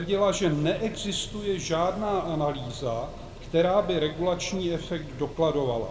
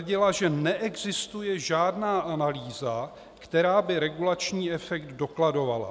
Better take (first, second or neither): second